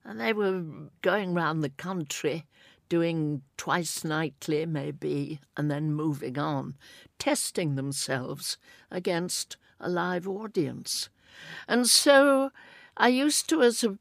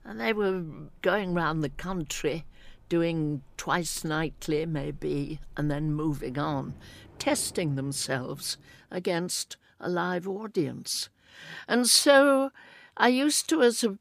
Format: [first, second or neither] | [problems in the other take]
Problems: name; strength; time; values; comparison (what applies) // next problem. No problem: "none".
first | rain or running water; faint; until 8.5 s; 25 dB below the speech